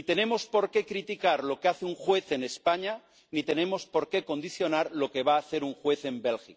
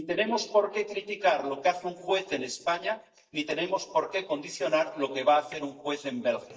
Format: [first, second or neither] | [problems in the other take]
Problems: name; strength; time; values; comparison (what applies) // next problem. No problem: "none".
first | noise reduction (neural mask model DeepFilterNet 3)